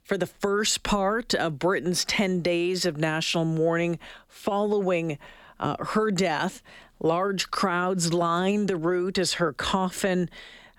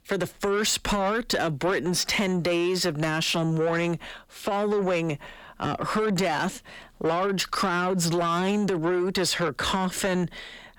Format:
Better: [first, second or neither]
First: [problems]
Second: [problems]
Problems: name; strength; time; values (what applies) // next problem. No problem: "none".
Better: first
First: none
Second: distortion; slight; 10 dB below the speech